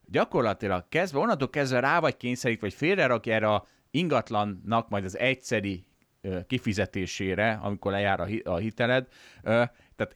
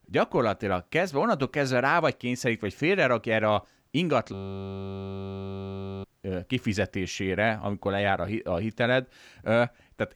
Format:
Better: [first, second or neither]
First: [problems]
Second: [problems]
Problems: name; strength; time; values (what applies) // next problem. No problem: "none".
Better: first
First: none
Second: audio freezing; at 4.5 s for 1.5 s